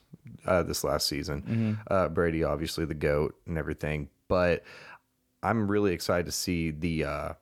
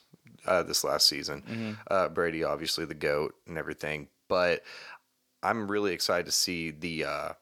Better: first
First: none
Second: thin; very slightly; fading below 1 kHz

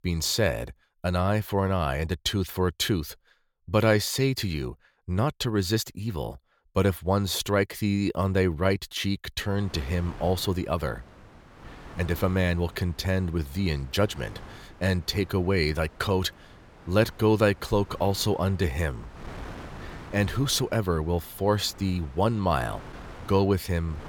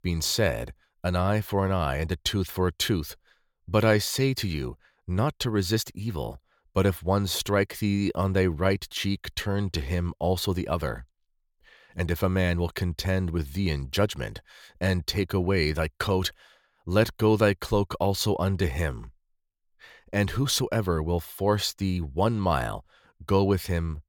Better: second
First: wind noise on the microphone; occasional gusts; from 9.5 s on; 20 dB below the speech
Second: none

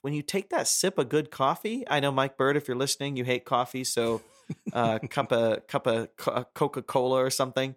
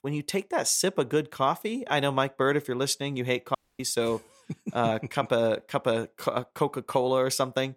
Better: first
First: none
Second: audio cutting out; at 3.5 s

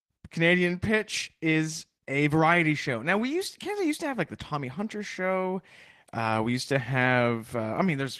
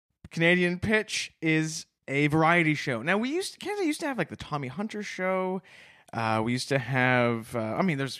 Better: second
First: garbled, watery; slightly; nothing above 14.5 kHz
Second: none

